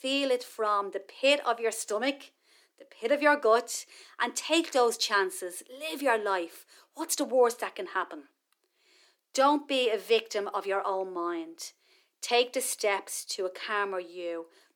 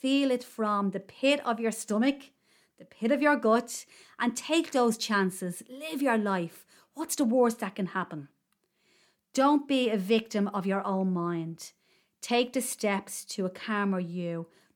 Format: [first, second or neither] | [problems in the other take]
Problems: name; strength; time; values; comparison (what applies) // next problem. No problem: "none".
second | thin; somewhat; fading below 300 Hz